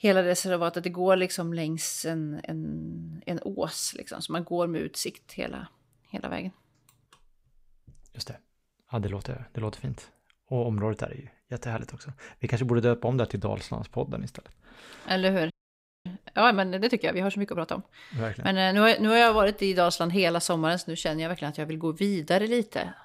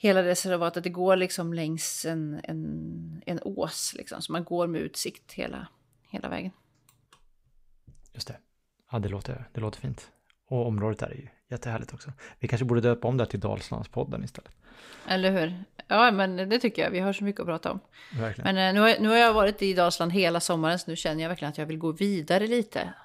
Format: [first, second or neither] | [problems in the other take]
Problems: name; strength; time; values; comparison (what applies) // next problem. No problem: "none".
second | audio freezing; at 16 s for 0.5 s